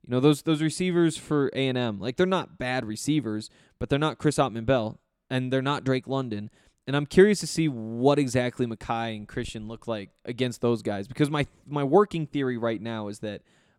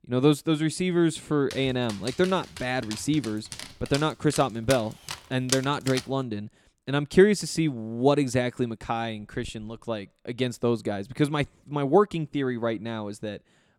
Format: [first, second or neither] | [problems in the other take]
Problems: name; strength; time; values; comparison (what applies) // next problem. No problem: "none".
first | dog barking; noticeable; from 1.5 to 6 s; peak 4 dB below the speech